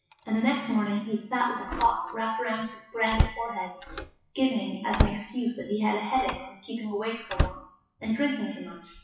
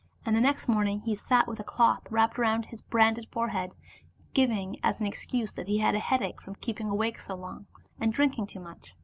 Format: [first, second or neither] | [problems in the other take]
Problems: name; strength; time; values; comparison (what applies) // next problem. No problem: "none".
second | noise reduction (classical method WPE with log-MMSE)